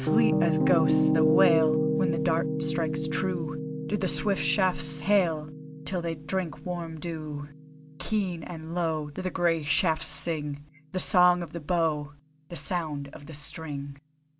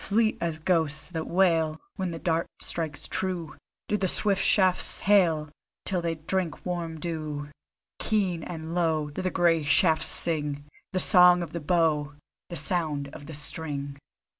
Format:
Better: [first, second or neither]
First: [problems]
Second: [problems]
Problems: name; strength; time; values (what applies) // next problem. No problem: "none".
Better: second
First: background sound (Piano); 1 dB below the speech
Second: none